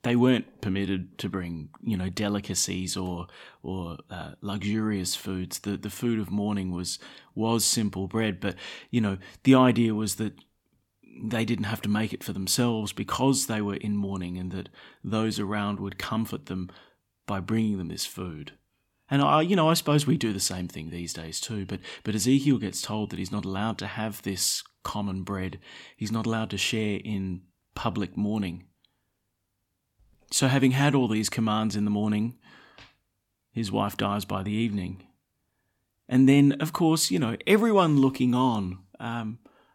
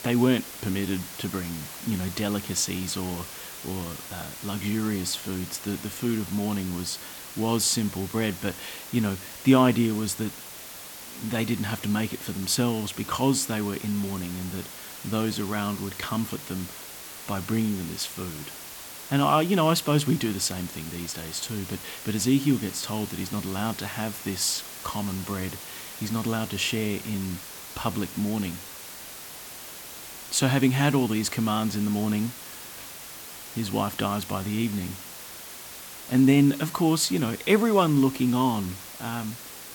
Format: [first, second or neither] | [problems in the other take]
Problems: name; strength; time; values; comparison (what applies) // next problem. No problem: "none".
first | hiss; noticeable; throughout; 10 dB below the speech